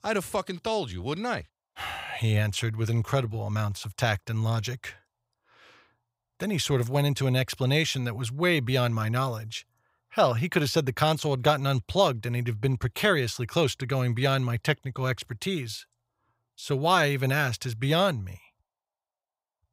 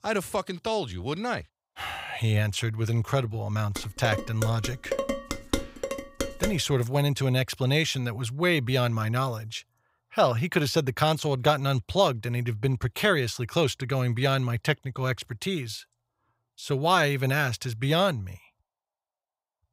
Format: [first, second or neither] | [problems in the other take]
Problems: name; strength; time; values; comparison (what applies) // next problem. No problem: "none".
first | clattering dishes; noticeable; from 4 to 6.5 s; peak 4 dB below the speech